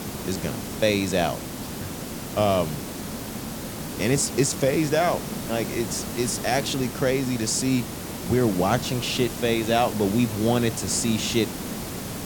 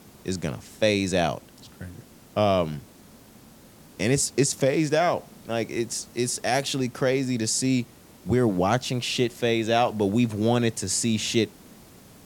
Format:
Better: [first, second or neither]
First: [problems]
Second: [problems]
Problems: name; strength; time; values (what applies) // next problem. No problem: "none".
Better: second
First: hiss; loud; throughout; 8 dB below the speech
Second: hiss; faint; throughout; 25 dB below the speech